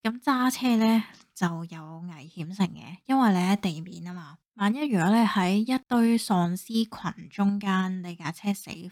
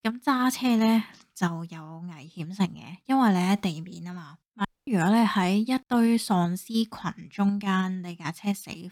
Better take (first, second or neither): first